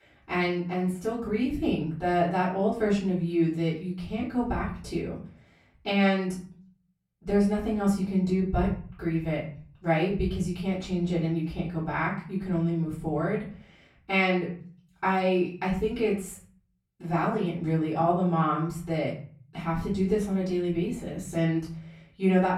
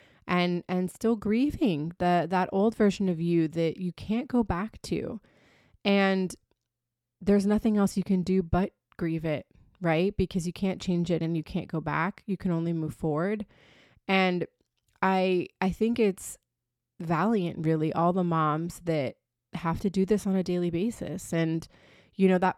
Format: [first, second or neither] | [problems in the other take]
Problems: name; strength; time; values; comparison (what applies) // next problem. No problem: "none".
second | off-mic speech; far // room echo; slight; dies away in 0.5 s